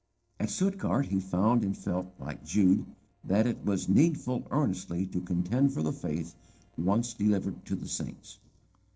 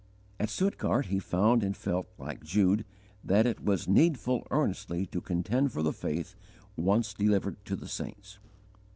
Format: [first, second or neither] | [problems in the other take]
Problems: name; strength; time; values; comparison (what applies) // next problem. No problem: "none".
second | noise reduction (neural separator model SepFormer DNS4)